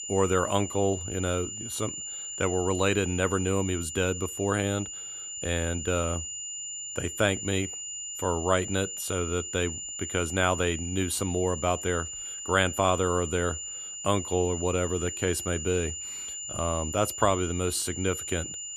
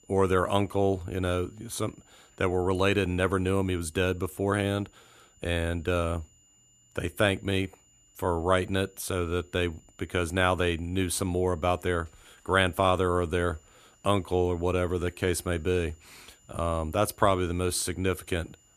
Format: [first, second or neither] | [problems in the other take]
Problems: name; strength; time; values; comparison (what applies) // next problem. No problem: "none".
second | high-pitched whine; loud; throughout; 7 kHz, 6 dB below the speech; faint in the second